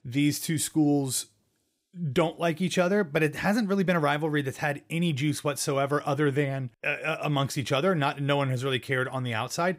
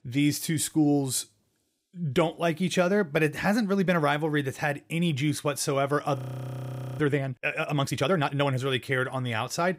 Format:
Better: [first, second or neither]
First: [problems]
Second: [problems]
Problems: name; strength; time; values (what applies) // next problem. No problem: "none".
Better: first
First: none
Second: audio freezing; at 6 s for 1 s